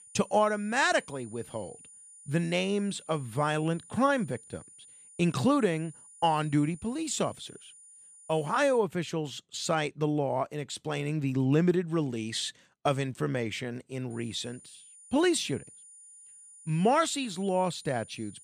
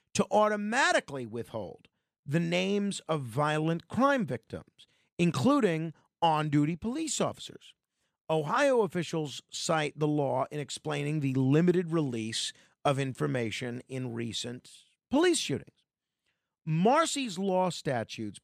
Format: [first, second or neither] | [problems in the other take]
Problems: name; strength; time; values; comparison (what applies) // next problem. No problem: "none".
second | high-pitched whine; faint; until 9 s and from 14 s on; 9.5 kHz, 20 dB below the speech